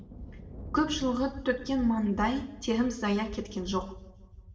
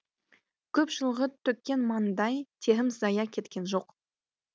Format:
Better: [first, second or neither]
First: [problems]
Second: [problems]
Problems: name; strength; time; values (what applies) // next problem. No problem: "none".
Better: second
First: background sound (Thunder); 13 dB below the speech // room echo; dies away in 0.8 s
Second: none